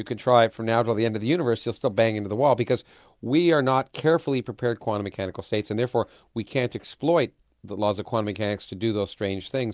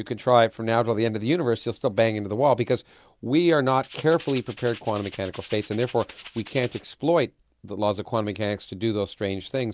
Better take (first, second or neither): first